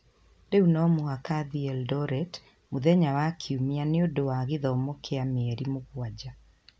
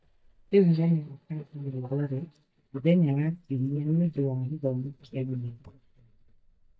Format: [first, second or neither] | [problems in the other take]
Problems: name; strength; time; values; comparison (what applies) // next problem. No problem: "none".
first | noise reduction (neural mask model DeepFilterNet 3)